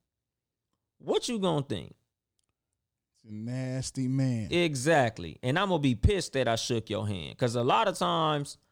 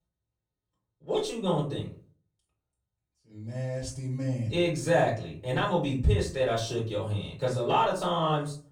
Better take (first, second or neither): first